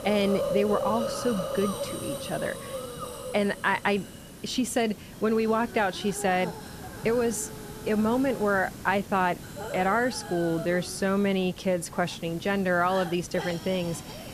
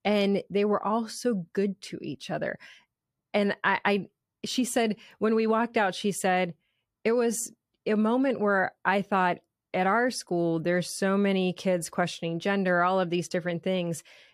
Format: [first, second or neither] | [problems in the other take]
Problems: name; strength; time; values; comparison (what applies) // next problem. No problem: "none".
second | hiss; loud; throughout; 9 dB below the speech